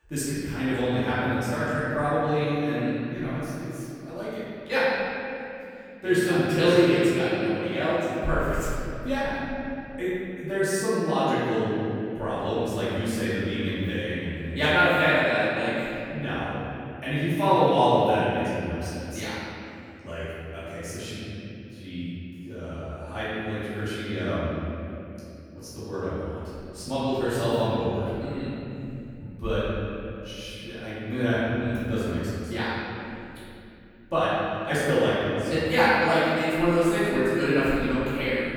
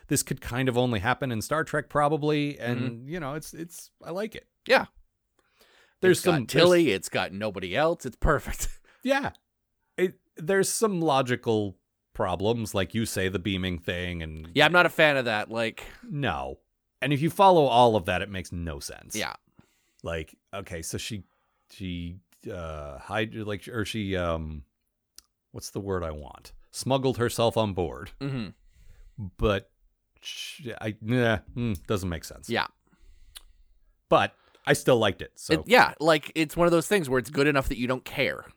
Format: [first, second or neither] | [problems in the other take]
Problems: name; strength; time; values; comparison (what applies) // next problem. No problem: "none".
second | off-mic speech; far // room echo; strong; dies away in 2.9 s